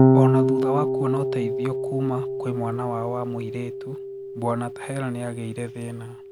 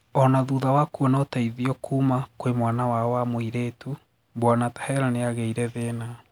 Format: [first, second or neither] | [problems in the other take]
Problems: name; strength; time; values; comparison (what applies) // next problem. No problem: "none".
second | background sound (Electric guitar / Bass guitar); 4 dB above the speech